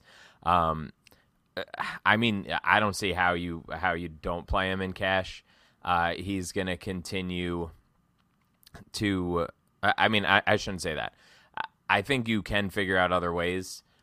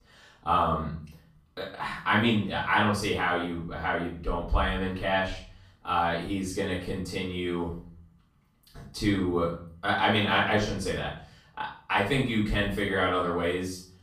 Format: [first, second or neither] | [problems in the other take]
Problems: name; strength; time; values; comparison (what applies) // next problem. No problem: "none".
first | off-mic speech; far // room echo; noticeable; dies away in 0.5 s